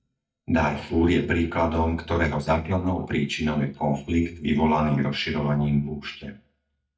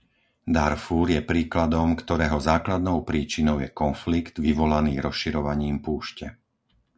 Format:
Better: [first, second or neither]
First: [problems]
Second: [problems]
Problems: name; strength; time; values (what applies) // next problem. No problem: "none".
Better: second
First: noise reduction (neural mask model DeepFilterNet 3)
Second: none